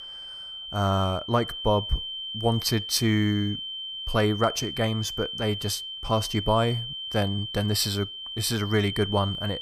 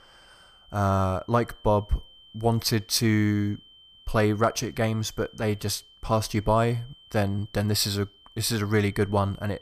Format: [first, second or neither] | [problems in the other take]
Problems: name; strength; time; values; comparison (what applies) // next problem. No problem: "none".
second | high-pitched whine; loud; throughout; 3 kHz, 6 dB below the speech; faint in the second